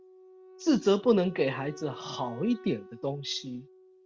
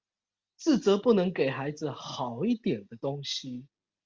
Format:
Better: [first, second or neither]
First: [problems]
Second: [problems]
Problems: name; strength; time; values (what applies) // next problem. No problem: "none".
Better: second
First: background sound (Wind instrument, woodwind instrument); 19 dB below the speech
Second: none